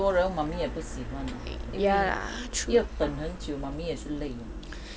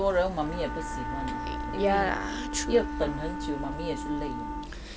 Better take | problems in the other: first | background sound (Wind instrument, woodwind instrument); 7 dB below the speech

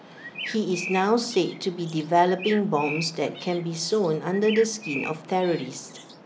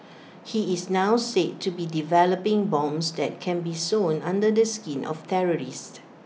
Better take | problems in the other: second | background sound (Bird); 13 dB below the speech

